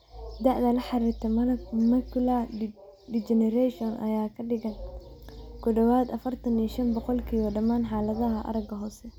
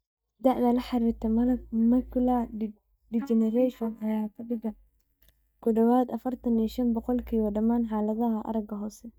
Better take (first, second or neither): first